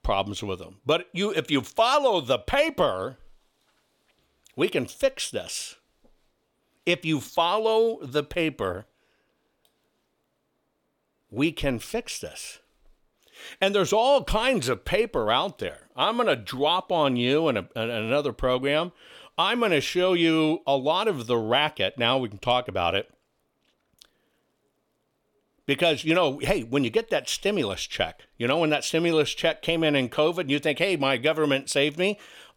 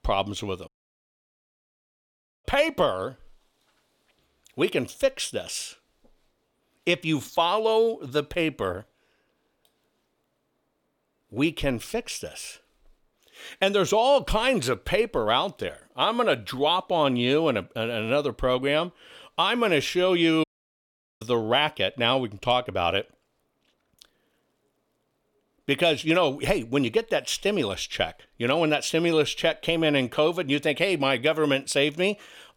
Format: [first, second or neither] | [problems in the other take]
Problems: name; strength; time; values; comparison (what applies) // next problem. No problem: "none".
first | audio cutting out; at 0.5 s for 2 s and at 20 s for 1 s